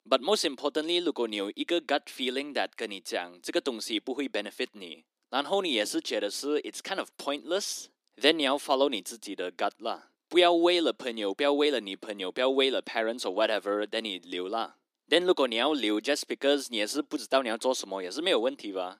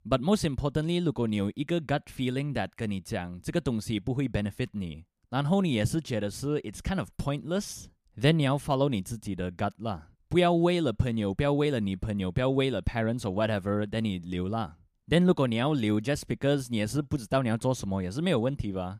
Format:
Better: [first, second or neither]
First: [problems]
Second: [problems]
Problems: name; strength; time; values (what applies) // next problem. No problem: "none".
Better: second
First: thin; somewhat; fading below 300 Hz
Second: none